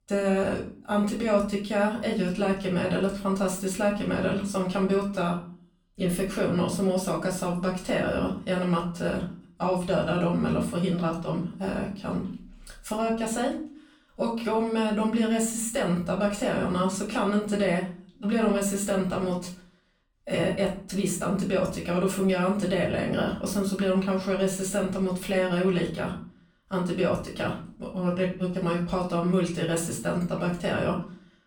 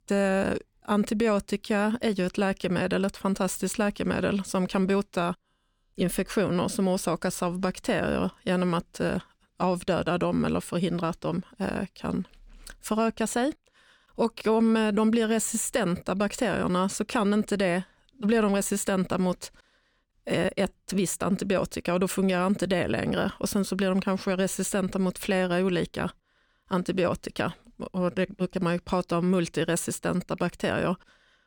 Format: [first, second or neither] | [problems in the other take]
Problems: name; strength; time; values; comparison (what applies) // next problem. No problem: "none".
second | off-mic speech; far // room echo; slight; dies away in 0.4 s